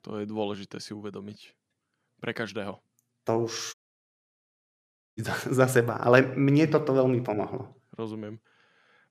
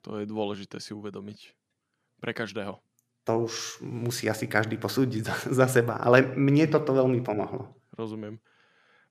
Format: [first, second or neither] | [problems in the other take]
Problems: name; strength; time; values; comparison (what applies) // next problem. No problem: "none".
second | audio cutting out; at 3.5 s for 1.5 s